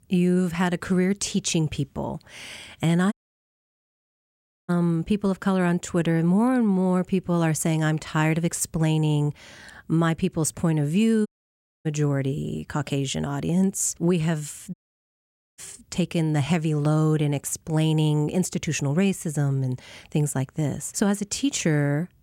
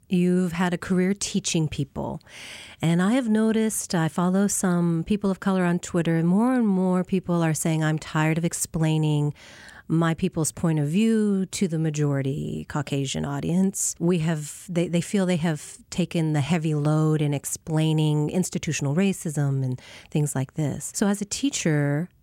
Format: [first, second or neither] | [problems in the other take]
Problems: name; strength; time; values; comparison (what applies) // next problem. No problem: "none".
second | audio cutting out; at 3 s for 1.5 s, at 11 s for 0.5 s and at 15 s for 1 s